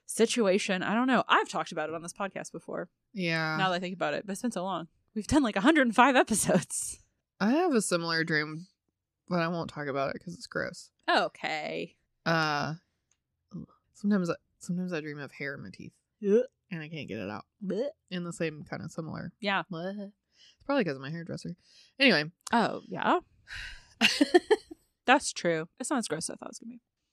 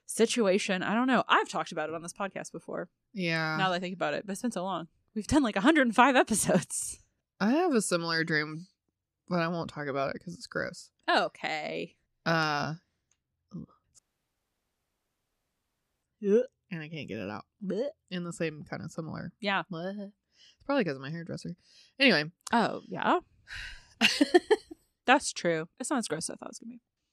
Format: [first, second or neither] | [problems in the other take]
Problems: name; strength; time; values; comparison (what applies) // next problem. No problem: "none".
first | audio cutting out; at 14 s for 2 s